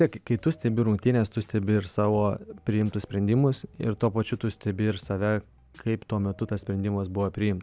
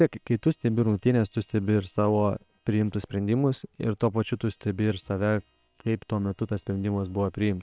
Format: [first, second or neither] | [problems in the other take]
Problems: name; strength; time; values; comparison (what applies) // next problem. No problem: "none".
first | noise reduction (neural separator model SepFormer WHAM!)